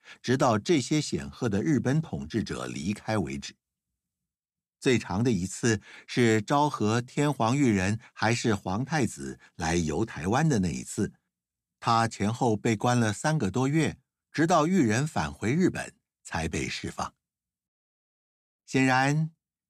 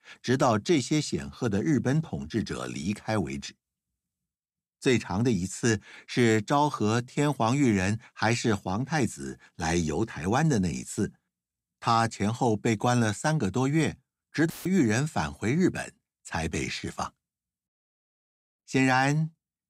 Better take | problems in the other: first | audio cutting out; filled with static; at 15 s

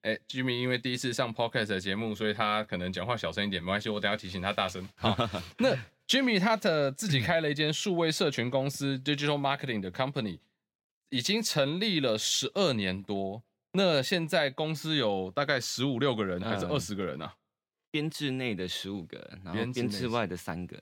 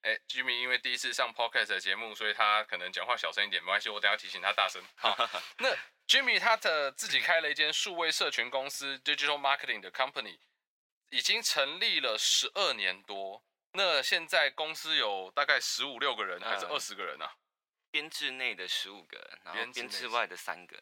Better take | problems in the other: first | thin; very; fading below 850 Hz

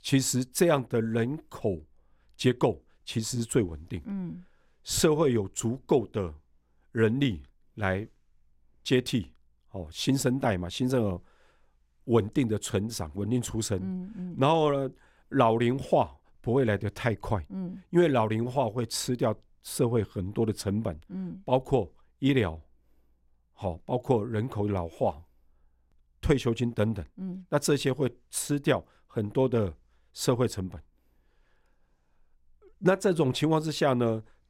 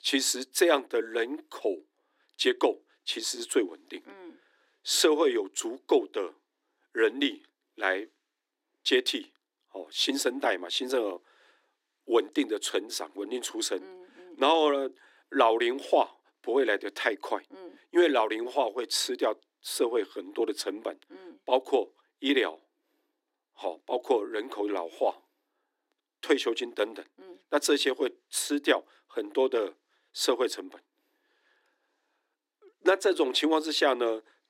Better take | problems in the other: first | thin; somewhat; fading below 300 Hz

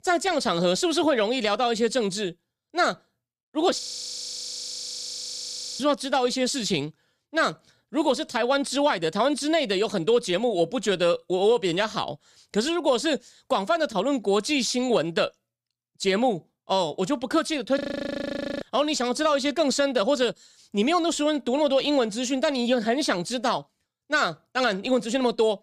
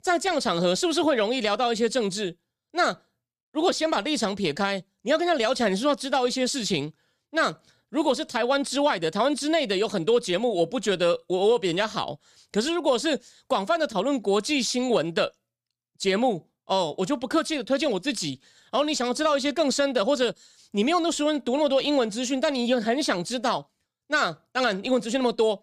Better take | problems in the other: second | audio freezing; at 4 s for 2 s and at 18 s for 1 s

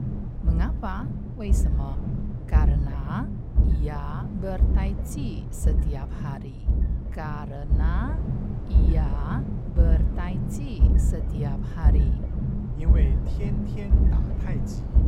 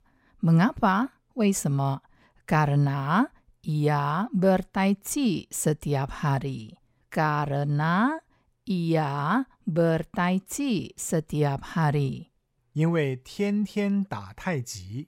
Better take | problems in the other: second | low rumble; loud; throughout; 1 dB below the speech

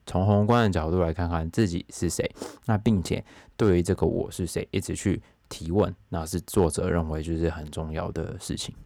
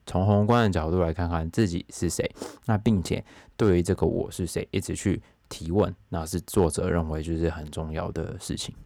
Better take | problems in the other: neither | none

